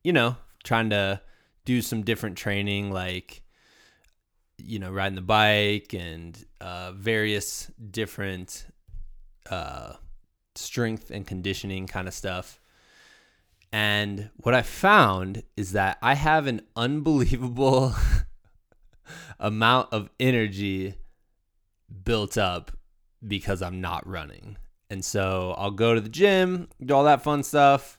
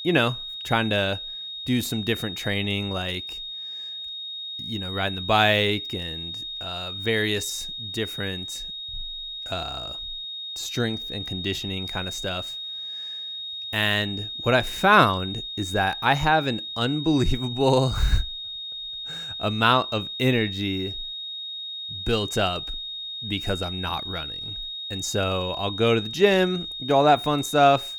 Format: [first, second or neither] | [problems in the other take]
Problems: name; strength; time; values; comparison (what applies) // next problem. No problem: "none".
first | high-pitched whine; loud; throughout; 3.5 kHz, 7 dB below the speech